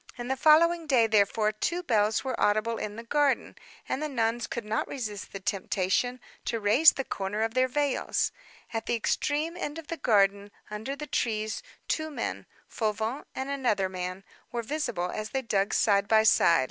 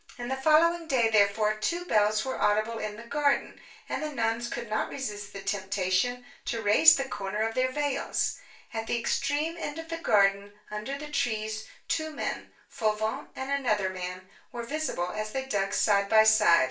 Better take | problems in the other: first | room echo; dies away in 0.3 s

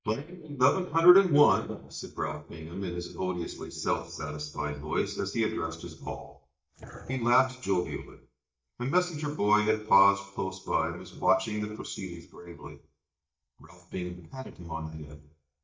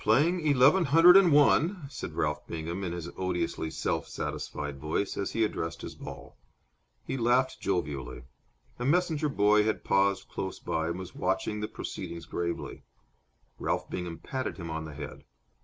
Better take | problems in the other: second | noise reduction (neural mask model DeepFilterNet 3)

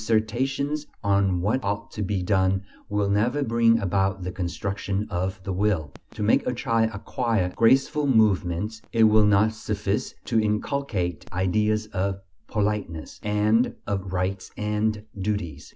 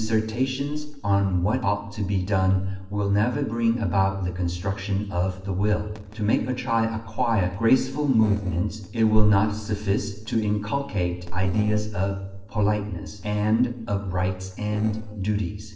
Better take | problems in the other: first | noise reduction (neural separator model SepFormer DNS4)

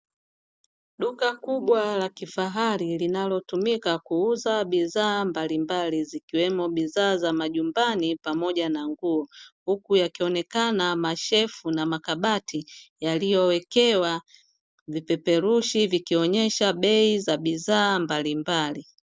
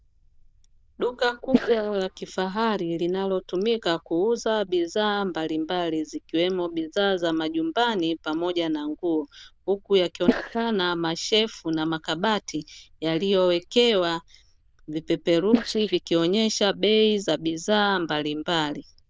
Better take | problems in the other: first | noise reduction (neural diffusion model UNIVERSE++)

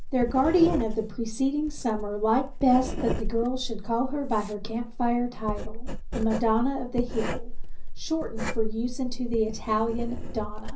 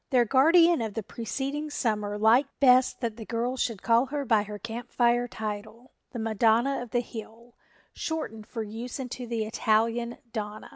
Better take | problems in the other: second | background sound (Writing); 3 dB below the speech // room echo; dies away in 0.5 s

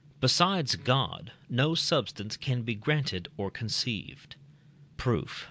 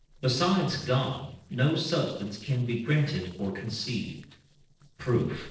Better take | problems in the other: first | noise reduction (neural separator model SepFormer DNS4)

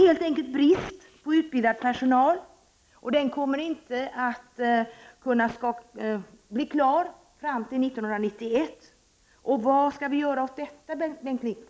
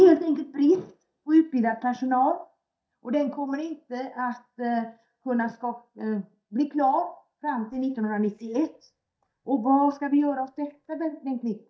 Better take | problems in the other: first | noise reduction (neural mask model DeepFilterNet 3)

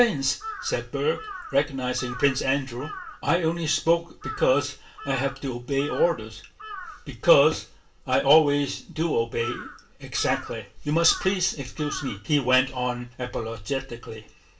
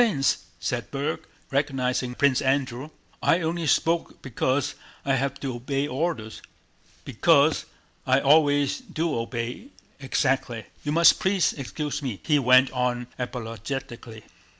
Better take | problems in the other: second | background sound (Bird vocalization, bird call, bird song / Crow); 15 dB below the speech // room echo; dies away in 0.2 s

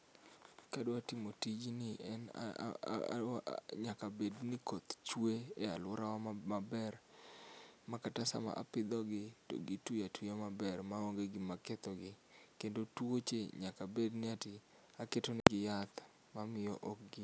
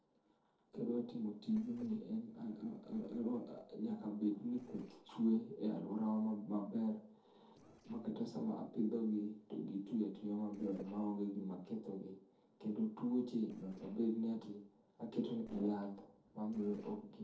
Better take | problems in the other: first | noise reduction (neural separator model SepFormer DNS4)

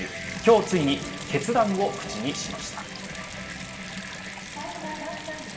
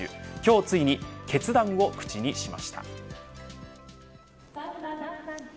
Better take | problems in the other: second | background sound (Bathtub (filling or washing) / Water tap, faucet); 10 dB below the speech // room echo; dies away in 2.6 s

